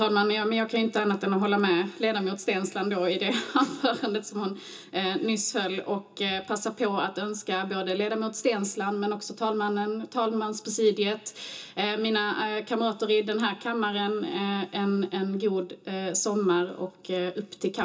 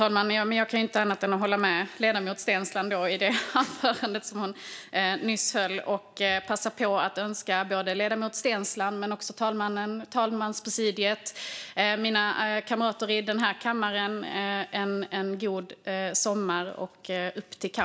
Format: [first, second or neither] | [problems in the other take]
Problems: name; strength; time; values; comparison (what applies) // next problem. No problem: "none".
second | room echo; dies away in 0.2 s